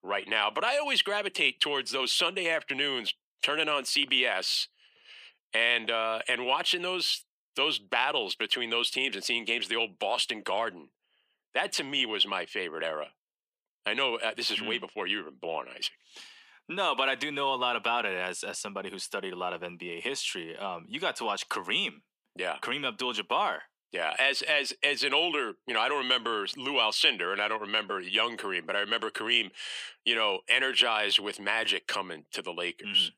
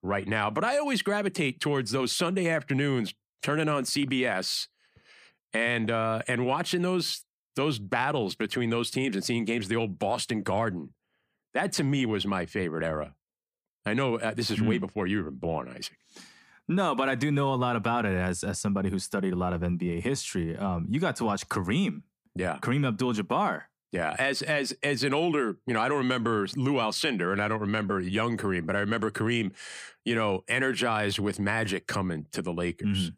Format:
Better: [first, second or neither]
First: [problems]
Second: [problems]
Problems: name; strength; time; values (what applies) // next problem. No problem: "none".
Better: second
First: thin; somewhat; fading below 500 Hz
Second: none